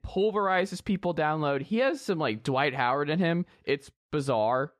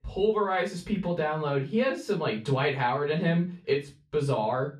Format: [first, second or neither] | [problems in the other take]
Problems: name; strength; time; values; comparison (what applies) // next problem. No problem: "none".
first | off-mic speech; far // room echo; very slight; dies away in 0.3 s